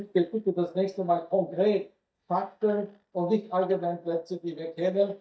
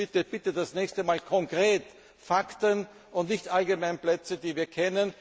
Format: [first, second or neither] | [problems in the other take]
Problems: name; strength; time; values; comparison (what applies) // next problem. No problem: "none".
second | noise reduction (neural mask model DeepFilterNet 3)